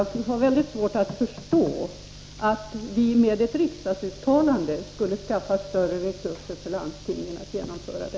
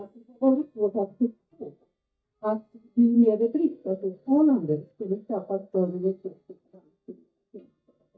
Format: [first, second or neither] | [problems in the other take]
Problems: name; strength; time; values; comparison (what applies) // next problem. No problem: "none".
first | noise reduction (neural mask model DeepFilterNet 3)